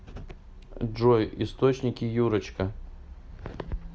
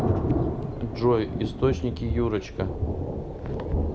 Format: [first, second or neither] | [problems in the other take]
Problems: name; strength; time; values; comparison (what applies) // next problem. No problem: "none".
first | background sound (Thunder); as loud as the speech